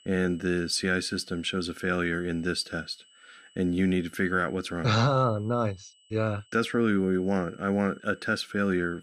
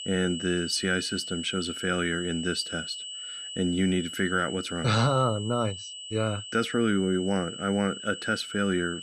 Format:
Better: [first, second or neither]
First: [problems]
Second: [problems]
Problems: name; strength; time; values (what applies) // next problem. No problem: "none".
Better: first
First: high-pitched whine; faint; throughout; 3 kHz, 30 dB below the speech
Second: high-pitched whine; loud; throughout; 3 kHz, 8 dB below the speech